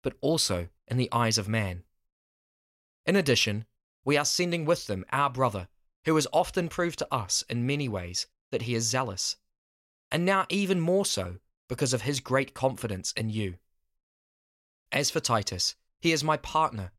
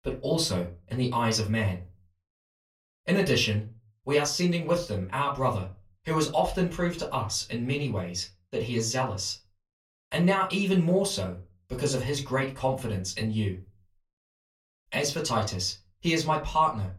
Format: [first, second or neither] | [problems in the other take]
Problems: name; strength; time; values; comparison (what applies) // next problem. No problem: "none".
first | off-mic speech; far // room echo; very slight; dies away in 0.2 s